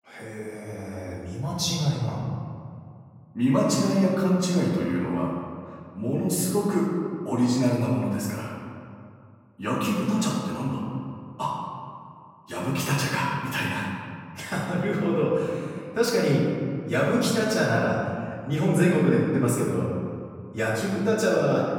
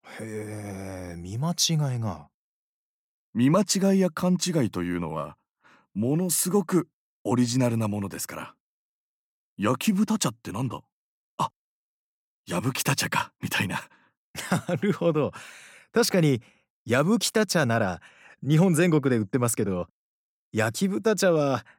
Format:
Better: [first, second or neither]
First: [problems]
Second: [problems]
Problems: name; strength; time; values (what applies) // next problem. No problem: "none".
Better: second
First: off-mic speech; far // room echo; noticeable; dies away in 2.1 s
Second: none